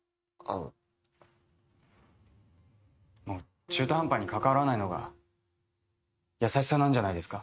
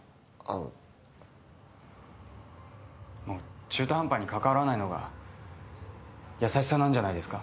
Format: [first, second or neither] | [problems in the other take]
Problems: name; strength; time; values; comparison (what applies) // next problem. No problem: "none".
second | noise reduction (neural mask model RNNoise)